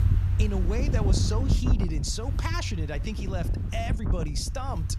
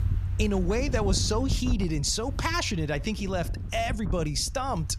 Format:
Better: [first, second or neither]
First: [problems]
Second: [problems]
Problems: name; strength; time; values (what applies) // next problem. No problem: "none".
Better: second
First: wind noise on the microphone; heavy; 6 dB below the speech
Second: wind noise on the microphone; occasional gusts; 15 dB below the speech